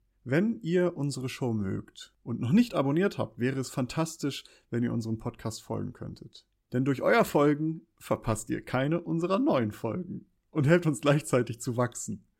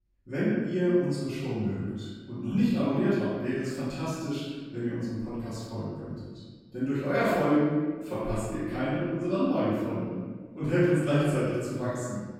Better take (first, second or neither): first